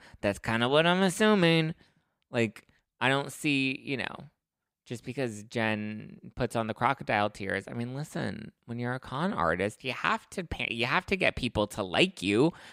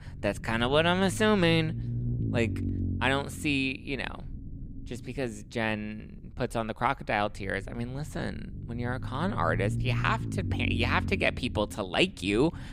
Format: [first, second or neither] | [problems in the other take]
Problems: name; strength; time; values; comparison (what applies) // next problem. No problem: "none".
first | low rumble; noticeable; throughout; 15 dB below the speech